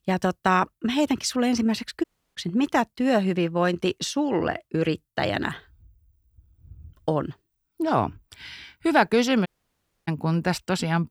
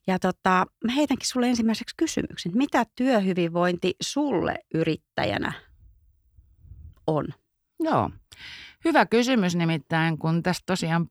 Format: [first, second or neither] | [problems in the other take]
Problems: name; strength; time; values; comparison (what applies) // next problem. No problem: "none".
second | audio cutting out; at 2 s and at 9.5 s for 0.5 s